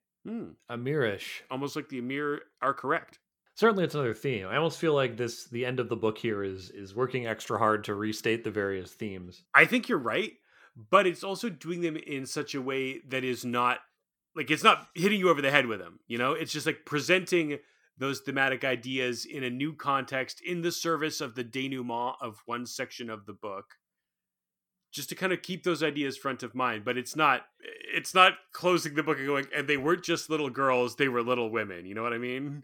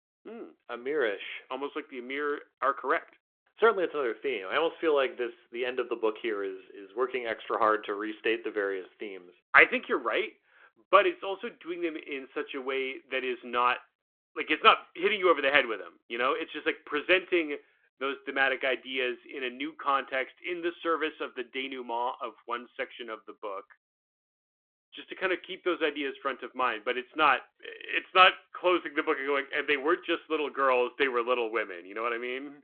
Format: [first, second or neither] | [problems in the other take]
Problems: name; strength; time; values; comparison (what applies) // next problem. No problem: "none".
first | phone-call audio